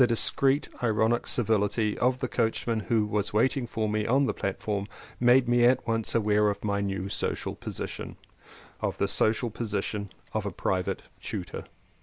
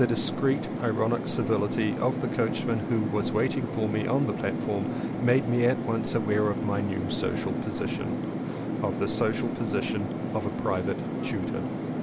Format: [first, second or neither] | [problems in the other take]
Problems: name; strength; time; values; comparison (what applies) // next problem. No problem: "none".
first | background sound (Fixed-wing aircraft, airplane); 2 dB below the speech